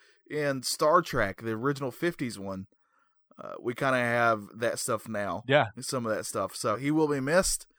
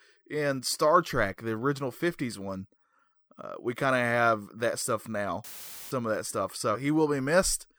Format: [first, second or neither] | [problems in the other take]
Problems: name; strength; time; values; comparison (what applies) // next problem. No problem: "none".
first | audio cutting out; filled with static; at 5.5 s